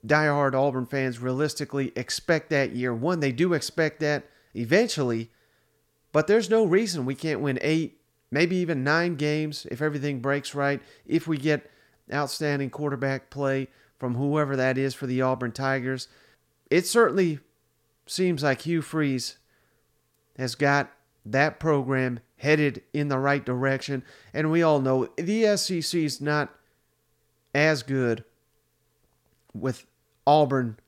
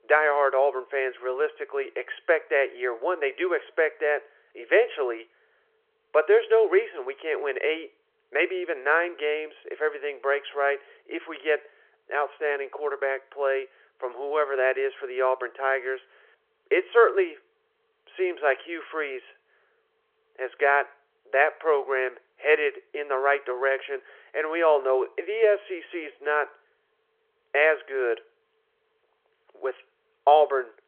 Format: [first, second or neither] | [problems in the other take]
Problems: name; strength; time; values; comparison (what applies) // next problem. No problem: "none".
first | phone-call audio